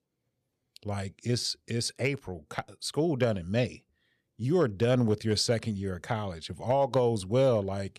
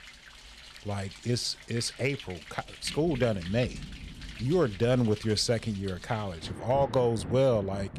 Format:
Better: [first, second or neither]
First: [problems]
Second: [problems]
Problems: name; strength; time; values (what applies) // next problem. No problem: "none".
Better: first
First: none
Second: rain or running water; noticeable; throughout; 15 dB below the speech